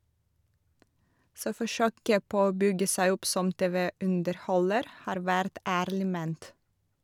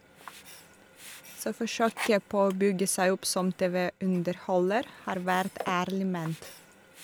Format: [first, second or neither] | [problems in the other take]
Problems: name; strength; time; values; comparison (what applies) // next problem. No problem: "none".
first | background sound (Sink (filling or washing)); 16 dB below the speech